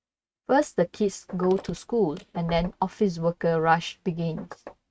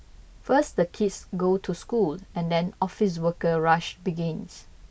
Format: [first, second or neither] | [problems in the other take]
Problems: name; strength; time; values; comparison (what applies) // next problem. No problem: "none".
second | noise reduction (neural mask model RNNoise)